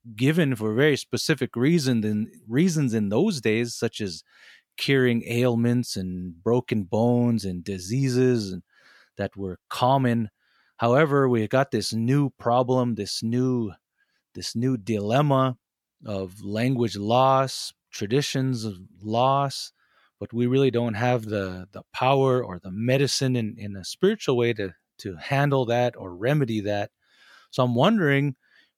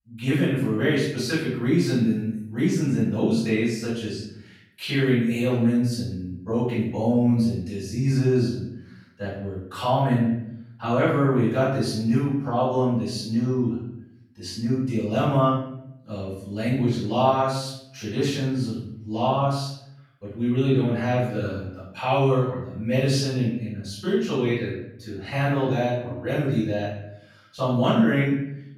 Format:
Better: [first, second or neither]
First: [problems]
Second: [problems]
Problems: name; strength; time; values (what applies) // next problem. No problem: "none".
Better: first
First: none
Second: room echo; noticeable; dies away in 0.7 s // off-mic speech; far